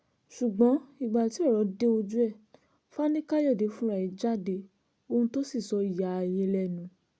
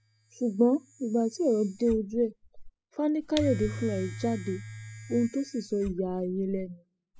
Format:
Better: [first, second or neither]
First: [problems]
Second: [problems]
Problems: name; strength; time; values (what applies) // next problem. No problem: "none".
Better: first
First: none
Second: noise reduction (classical method spectral subtraction)